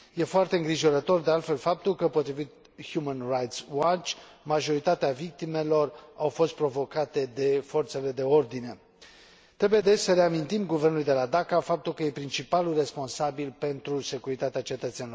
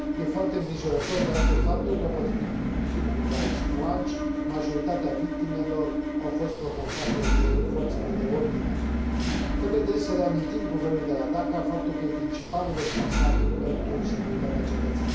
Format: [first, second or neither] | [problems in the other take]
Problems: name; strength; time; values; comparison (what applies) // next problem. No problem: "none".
first | background sound (Engine / Mechanisms); 5 dB above the speech // room echo; dies away in 0.6 s